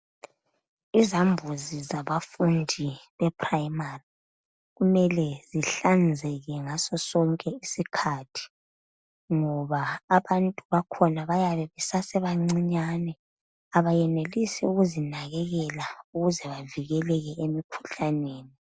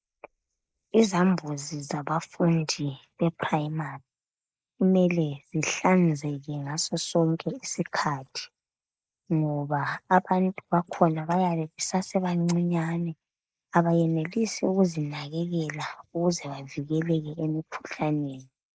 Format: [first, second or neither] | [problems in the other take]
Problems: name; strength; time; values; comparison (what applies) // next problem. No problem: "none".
first | noise reduction (neural mask model Resemble Enhance denoiser)